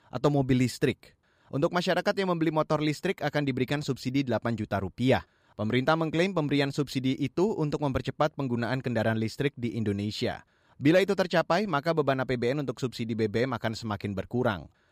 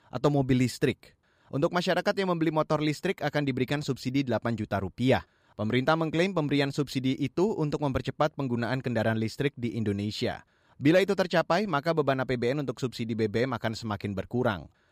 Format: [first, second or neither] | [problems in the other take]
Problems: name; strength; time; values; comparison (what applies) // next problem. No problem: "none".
neither | none